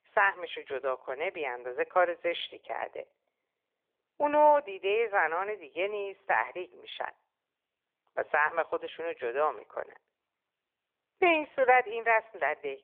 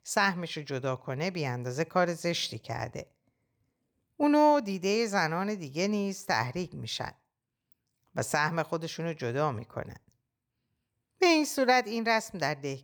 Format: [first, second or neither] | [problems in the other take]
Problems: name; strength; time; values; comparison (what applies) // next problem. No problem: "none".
second | phone-call audio; nothing above 3.5 kHz